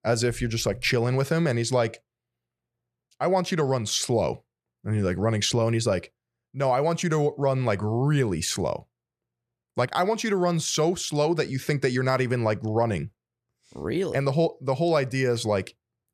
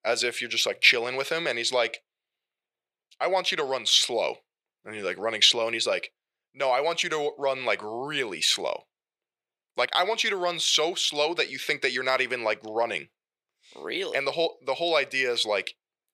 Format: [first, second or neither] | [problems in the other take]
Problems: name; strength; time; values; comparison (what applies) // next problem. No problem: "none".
first | thin; very; fading below 500 Hz